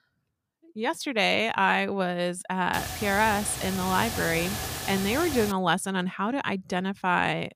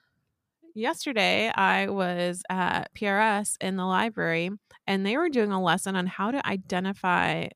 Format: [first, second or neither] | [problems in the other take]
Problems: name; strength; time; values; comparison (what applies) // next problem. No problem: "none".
second | hiss; loud; from 2.5 to 5.5 s; 6 dB below the speech